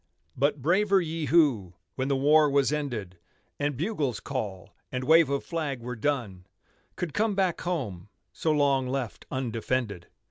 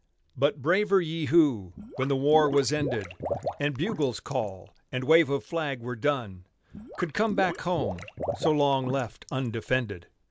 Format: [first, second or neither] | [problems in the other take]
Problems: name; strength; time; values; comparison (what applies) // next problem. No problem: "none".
first | background sound (Liquid); 10 dB below the speech